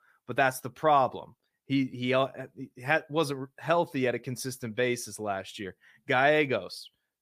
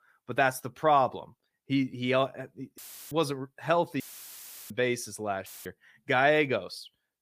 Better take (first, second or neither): first